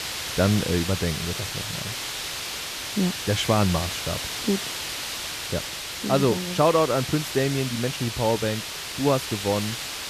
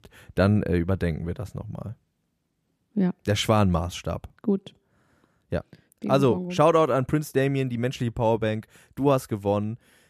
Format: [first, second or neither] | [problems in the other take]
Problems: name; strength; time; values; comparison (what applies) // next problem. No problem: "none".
second | hiss; loud; throughout; 4 dB below the speech